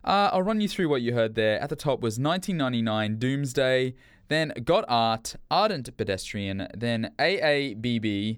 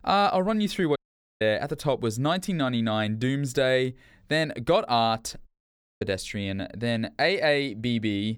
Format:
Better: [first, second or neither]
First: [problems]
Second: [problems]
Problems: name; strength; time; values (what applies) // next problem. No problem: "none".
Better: first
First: none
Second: audio cutting out; at 1 s and at 5.5 s for 0.5 s